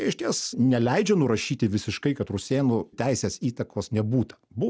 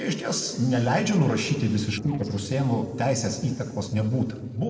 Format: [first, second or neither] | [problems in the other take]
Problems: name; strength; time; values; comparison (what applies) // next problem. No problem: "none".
first | noise reduction (neural separator model SepFormer DNS4)